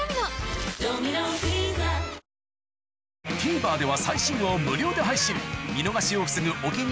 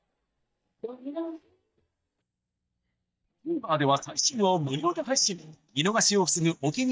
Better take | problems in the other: first | noise reduction (neural mask model DeepFilterNet 3)

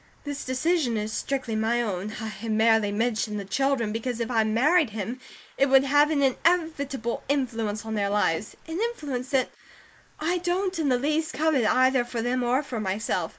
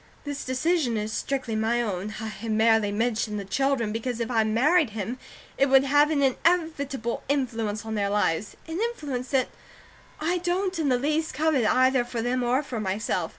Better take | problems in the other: second | noise reduction (neural mask model Resemble Enhance denoiser)

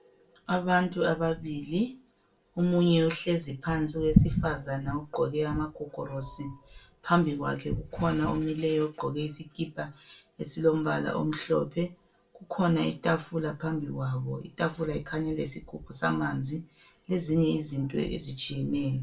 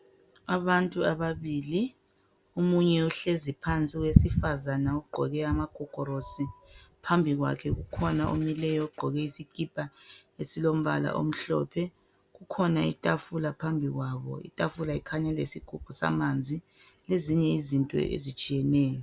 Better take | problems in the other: second | room echo; dies away in 0.2 s

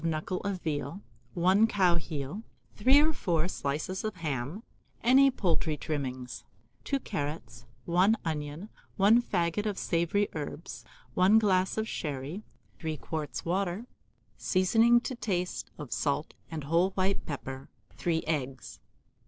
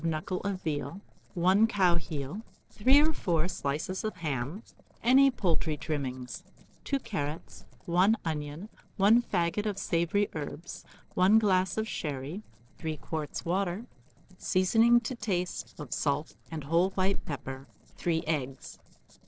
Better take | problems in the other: first | noise reduction (neural separator model SepFormer DNS4)

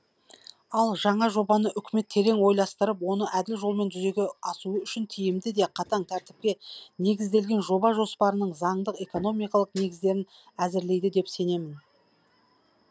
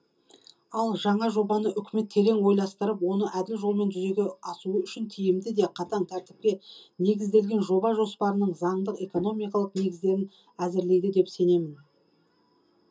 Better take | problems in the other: first | room echo; dies away in 0.2 s

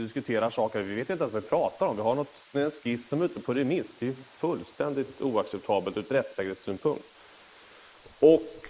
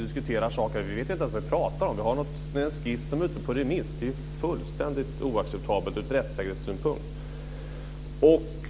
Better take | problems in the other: second | noise reduction (neural mask model Resemble Enhance denoiser)

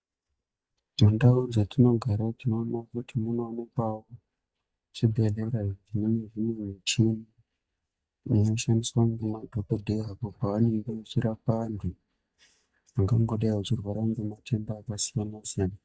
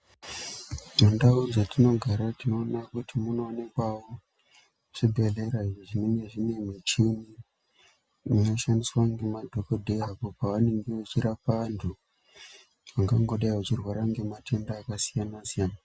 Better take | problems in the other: second | noise reduction (neural mask model DeepFilterNet 3)

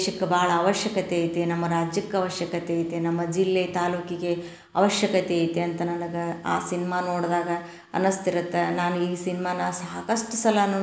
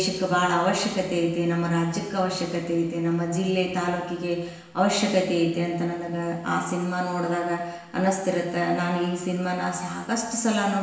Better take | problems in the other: first | room echo; dies away in 1 s

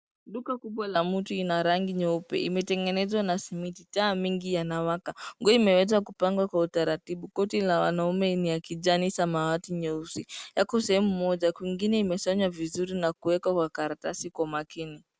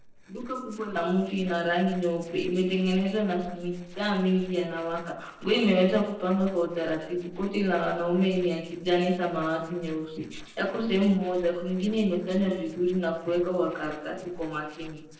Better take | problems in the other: first | noise reduction (neural separator model SepFormer DNS4)

